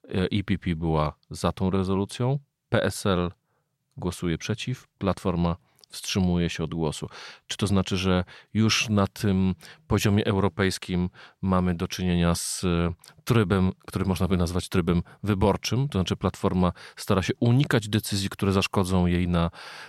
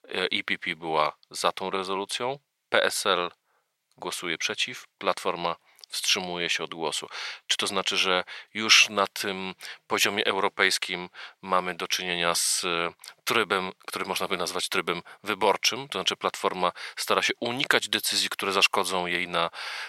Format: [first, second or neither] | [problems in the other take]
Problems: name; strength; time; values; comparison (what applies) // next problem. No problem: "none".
first | thin; very; fading below 600 Hz